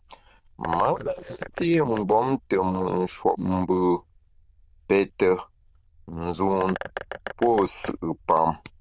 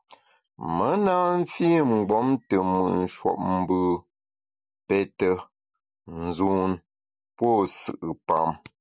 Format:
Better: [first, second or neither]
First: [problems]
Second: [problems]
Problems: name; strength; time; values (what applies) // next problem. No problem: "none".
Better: second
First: noise reduction (neural diffusion model UNIVERSE++)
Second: none